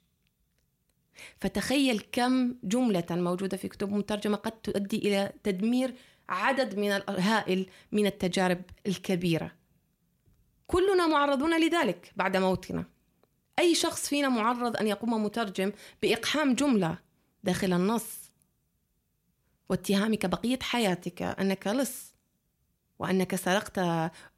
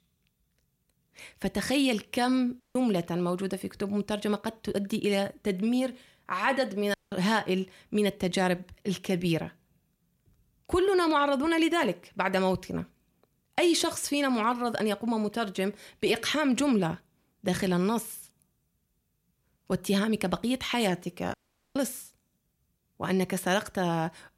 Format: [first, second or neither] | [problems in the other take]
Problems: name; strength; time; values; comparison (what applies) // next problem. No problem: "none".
first | audio cutting out; at 2.5 s, at 7 s and at 21 s